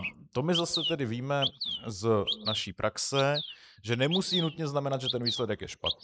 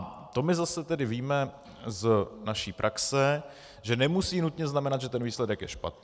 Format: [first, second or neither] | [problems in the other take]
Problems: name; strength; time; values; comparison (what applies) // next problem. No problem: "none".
second | noise reduction (neural mask model Resemble Enhance denoiser)